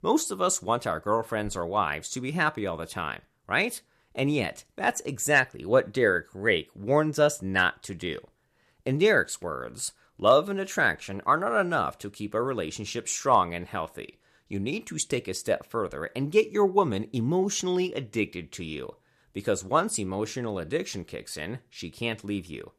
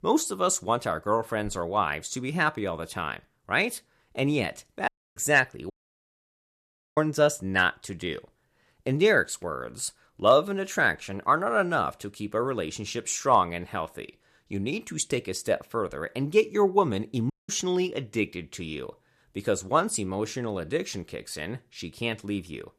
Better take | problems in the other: first | audio cutting out; at 5 s, at 5.5 s for 1.5 s and at 17 s

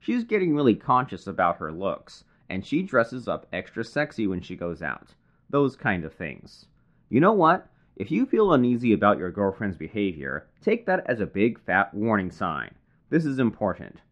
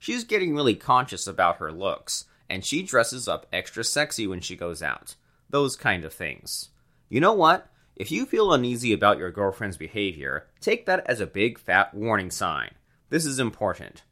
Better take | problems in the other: second | muffled; very; fading above 2 kHz

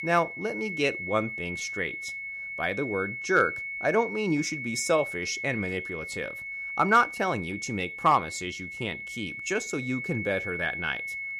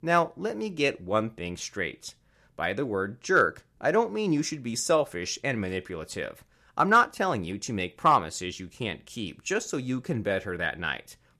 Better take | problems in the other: second | high-pitched whine; loud; throughout; 2 kHz, 5 dB below the speech

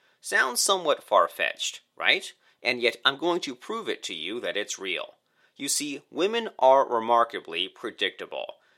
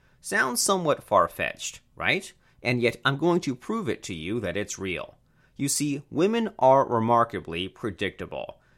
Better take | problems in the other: second | thin; somewhat; fading below 450 Hz

